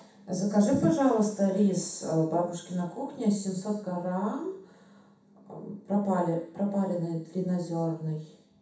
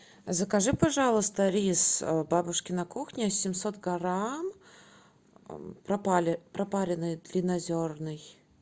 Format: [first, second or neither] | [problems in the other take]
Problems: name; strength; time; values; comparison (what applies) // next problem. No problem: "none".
second | room echo; dies away in 0.7 s